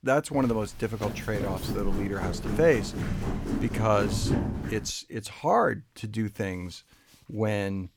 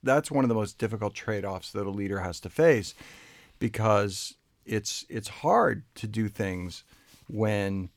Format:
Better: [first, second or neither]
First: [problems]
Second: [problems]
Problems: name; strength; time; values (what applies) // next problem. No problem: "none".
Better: second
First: footsteps; loud; until 5 s; peak 1 dB above the speech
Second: none